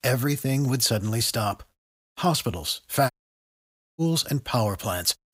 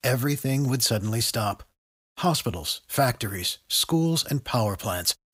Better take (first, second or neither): second